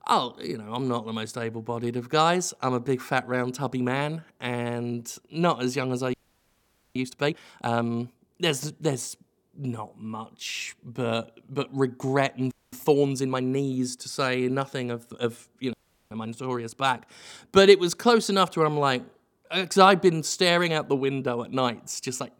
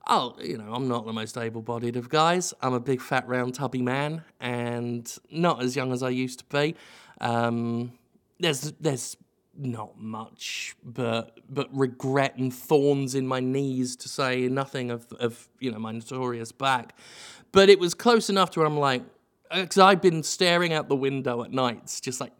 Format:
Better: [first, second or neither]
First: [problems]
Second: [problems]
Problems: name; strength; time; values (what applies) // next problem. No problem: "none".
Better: second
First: audio freezing; at 6 s for 1 s, at 13 s and at 16 s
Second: none